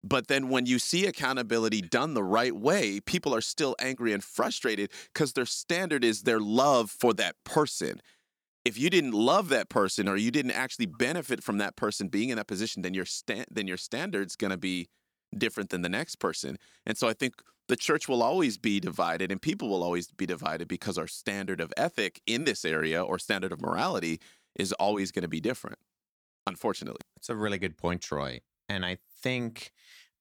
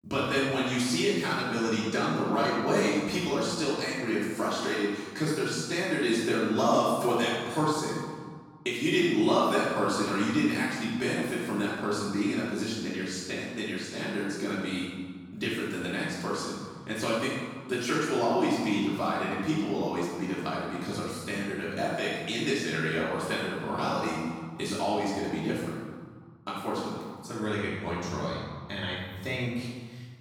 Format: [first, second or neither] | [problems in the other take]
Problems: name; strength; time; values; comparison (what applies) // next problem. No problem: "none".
first | off-mic speech; far // room echo; strong; dies away in 1.6 s